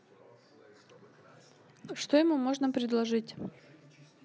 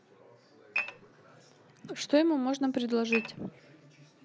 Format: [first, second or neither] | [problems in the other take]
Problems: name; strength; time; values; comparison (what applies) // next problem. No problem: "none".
first | background sound (Dishes, pots, and pans / Glass); 2 dB below the speech